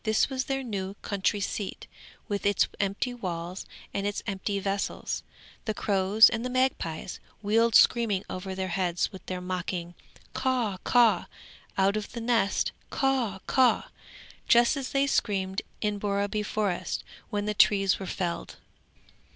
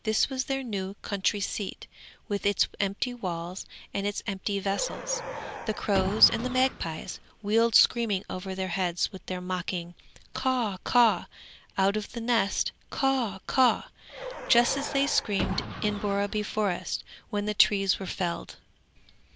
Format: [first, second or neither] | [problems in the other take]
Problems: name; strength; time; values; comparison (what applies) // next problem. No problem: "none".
first | background sound (Car); 9 dB below the speech